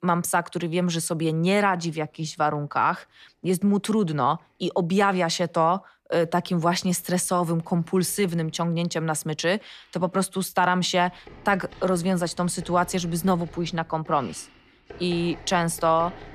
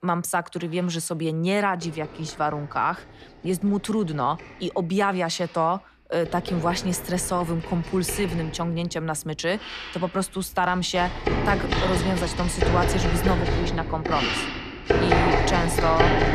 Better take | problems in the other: first | household noises; loud; throughout; as loud as the speech; faint in the first

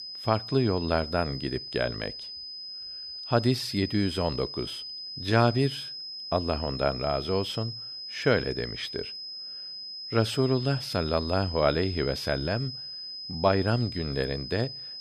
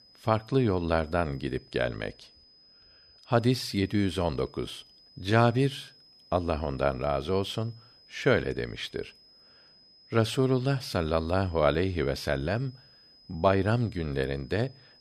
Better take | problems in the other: second | high-pitched whine; loud; throughout; 5 kHz, 8 dB below the speech; faint in the second

